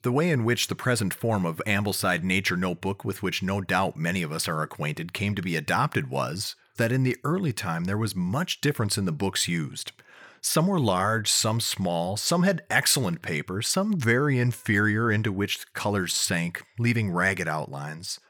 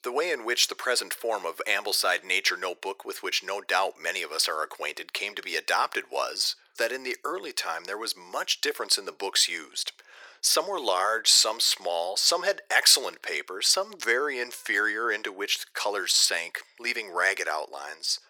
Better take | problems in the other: first | thin; very; fading below 400 Hz

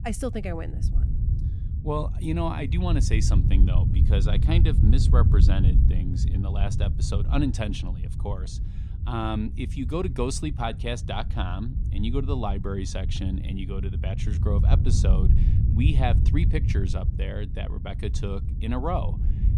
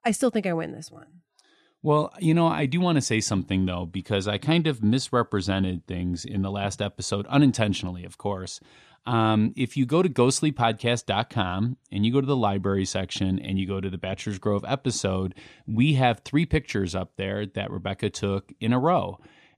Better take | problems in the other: second | wind noise on the microphone; heavy; 7 dB below the speech

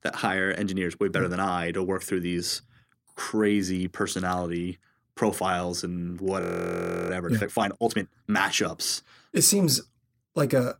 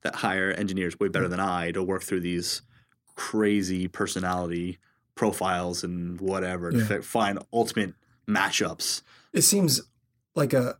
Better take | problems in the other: second | audio freezing; at 6.5 s for 0.5 s

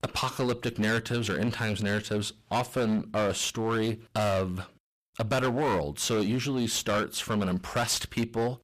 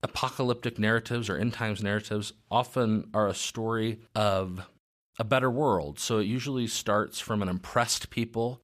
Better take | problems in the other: second | distortion; heavy; 15% of the sound clipped

